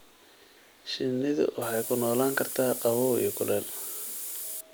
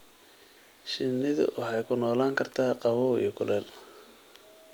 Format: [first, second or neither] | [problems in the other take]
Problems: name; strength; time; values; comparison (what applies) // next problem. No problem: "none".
second | background sound (Hiss); 7 dB below the speech